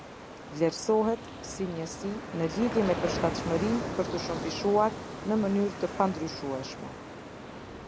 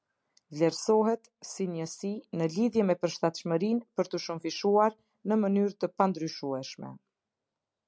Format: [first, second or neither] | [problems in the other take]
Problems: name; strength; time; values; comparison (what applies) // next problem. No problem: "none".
second | background sound (Ocean); 7 dB below the speech